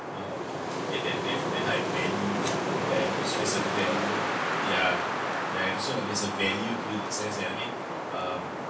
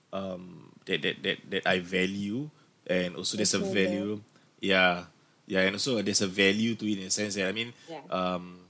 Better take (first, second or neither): second